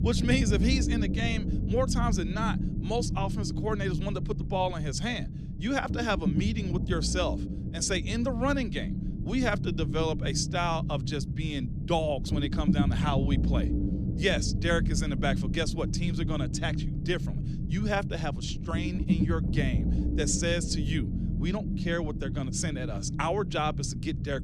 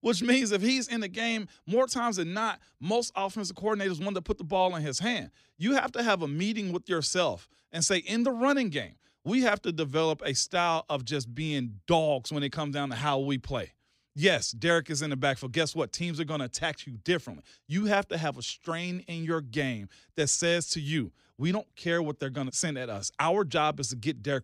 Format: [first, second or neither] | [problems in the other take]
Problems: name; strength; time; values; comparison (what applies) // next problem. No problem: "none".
second | low rumble; loud; throughout; 8 dB below the speech